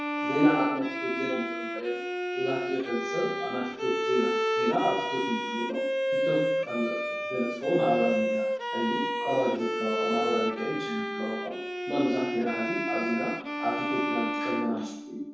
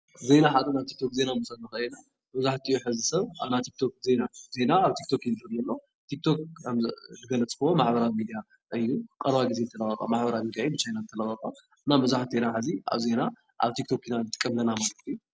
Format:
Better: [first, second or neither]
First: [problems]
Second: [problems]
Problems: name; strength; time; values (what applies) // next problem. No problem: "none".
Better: second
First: background sound (Bowed string instrument); as loud as the speech // room echo; dies away in 0.7 s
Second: none